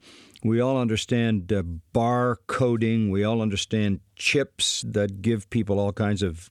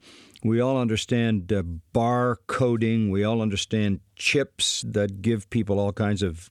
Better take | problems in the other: neither | none

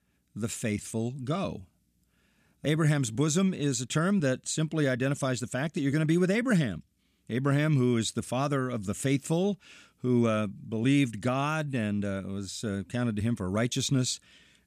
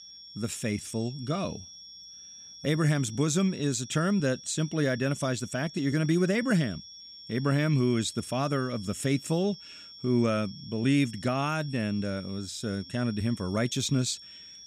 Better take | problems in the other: first | high-pitched whine; noticeable; throughout; 5.5 kHz, 15 dB below the speech

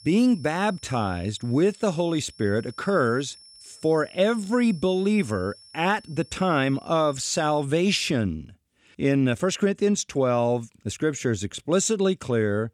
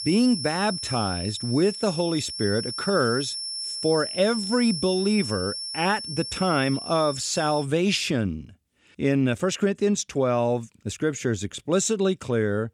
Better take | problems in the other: first | high-pitched whine; loud; until 7.5 s; 5.5 kHz, 6 dB below the speech; faint in the first

